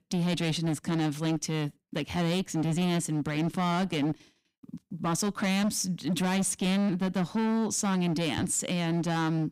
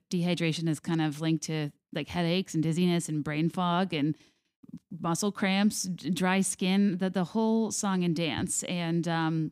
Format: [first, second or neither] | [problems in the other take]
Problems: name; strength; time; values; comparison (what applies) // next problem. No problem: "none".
second | distortion; slight; 20% of the sound clipped